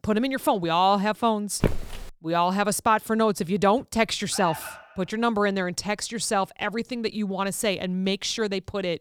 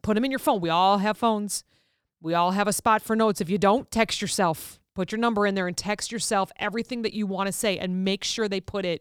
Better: second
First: footsteps; noticeable; at 1.5 s; peak 3 dB below the speech // alarm; faint; at 4.5 s; peak 10 dB below the speech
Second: none

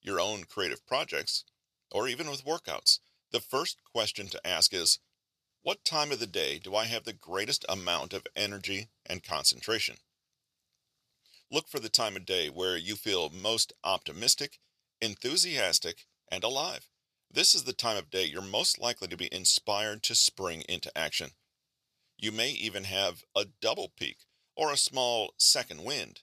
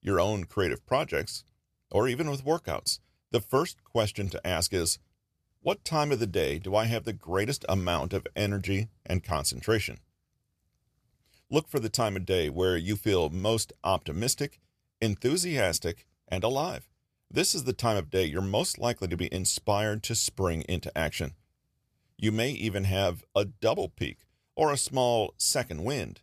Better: second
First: thin; somewhat; fading below 550 Hz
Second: none

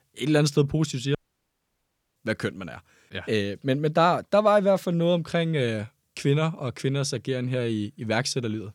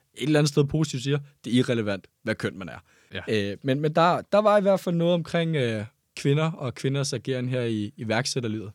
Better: second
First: audio cutting out; at 1 s for 1 s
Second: none

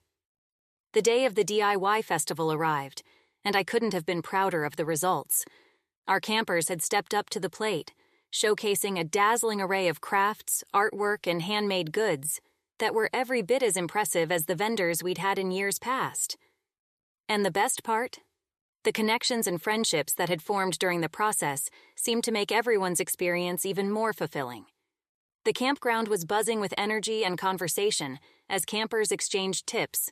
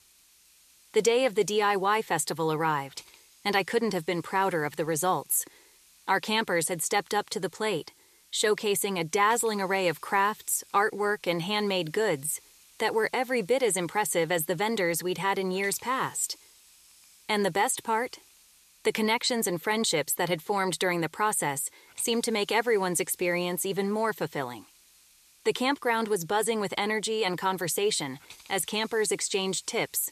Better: first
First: none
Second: hiss; faint; throughout; 25 dB below the speech

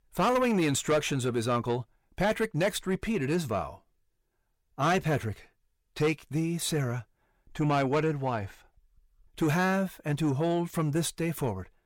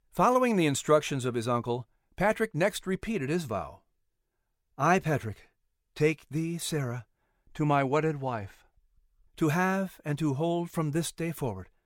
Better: second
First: distortion; slight; 10 dB below the speech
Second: none

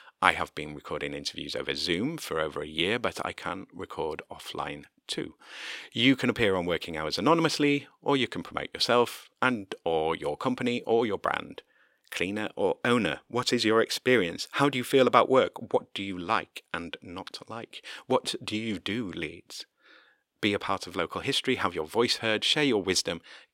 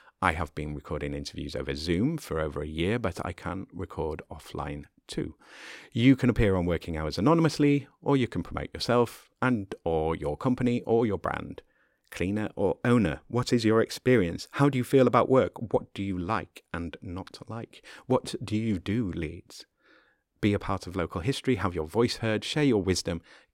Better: second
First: thin; very slightly; fading below 500 Hz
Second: none

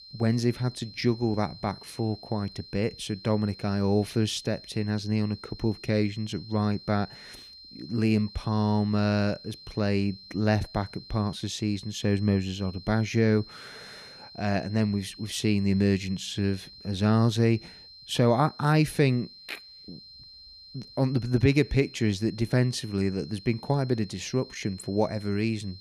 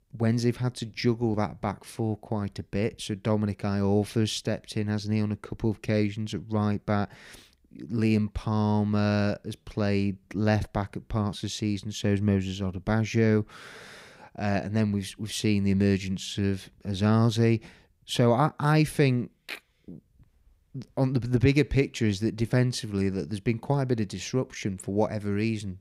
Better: second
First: high-pitched whine; noticeable; throughout; 4 kHz, 20 dB below the speech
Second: none

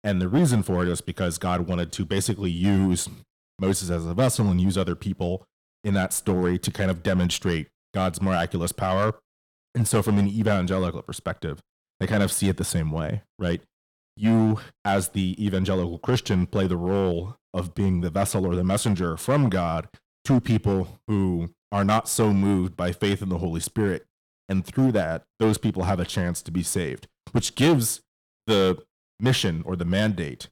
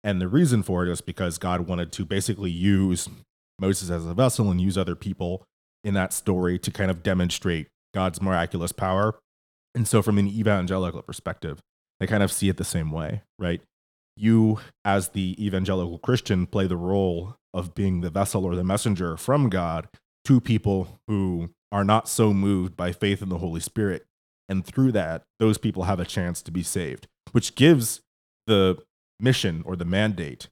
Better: second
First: distortion; slight; 4% of the sound clipped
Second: none

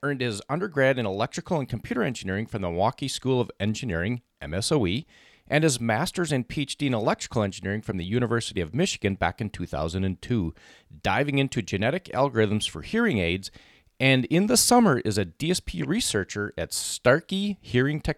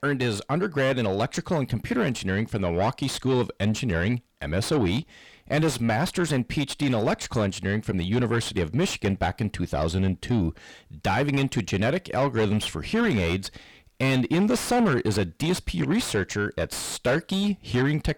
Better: first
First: none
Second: distortion; heavy; 7 dB below the speech

